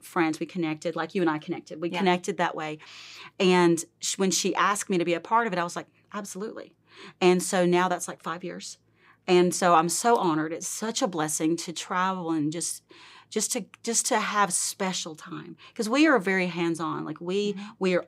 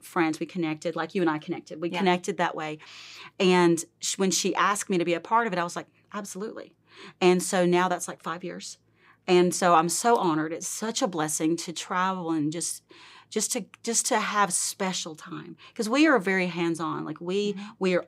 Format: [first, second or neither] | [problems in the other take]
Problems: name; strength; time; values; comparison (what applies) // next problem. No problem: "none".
neither | none